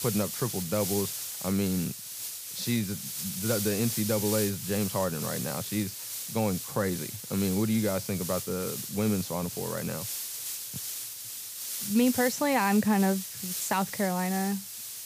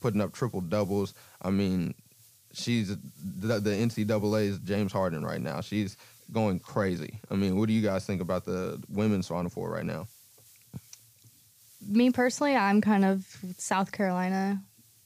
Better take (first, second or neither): second